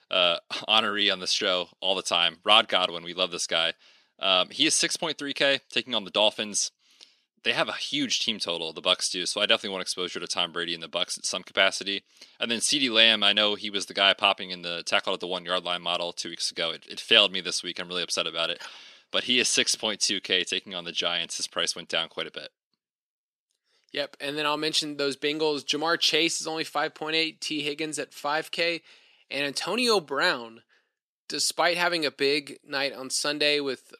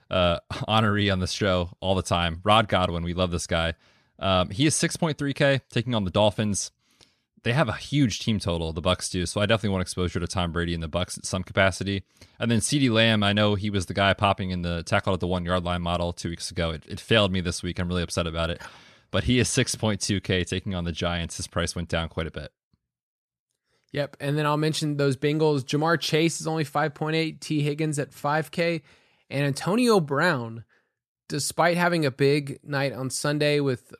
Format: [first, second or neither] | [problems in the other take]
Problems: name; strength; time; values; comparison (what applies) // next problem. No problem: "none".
second | thin; somewhat; fading below 300 Hz